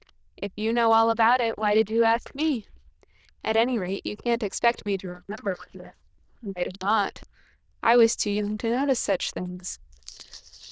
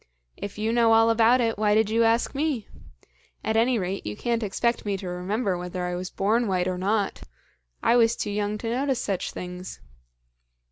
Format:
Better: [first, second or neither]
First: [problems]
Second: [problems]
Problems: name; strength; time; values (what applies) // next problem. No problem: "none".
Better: second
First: noise reduction (neural diffusion model UNIVERSE++)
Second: none